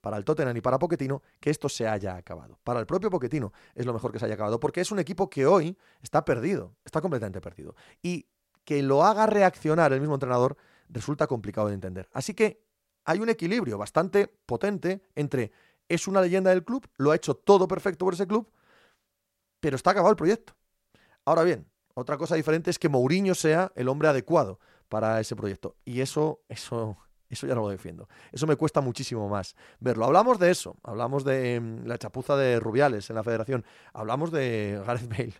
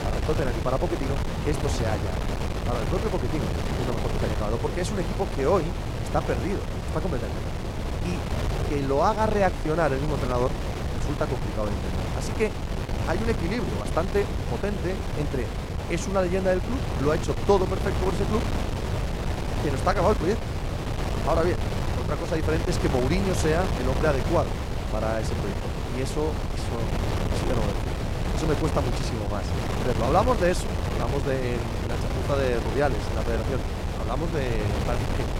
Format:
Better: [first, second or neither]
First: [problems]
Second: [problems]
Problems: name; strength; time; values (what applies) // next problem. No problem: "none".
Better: first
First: none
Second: wind noise on the microphone; heavy; 5 dB below the speech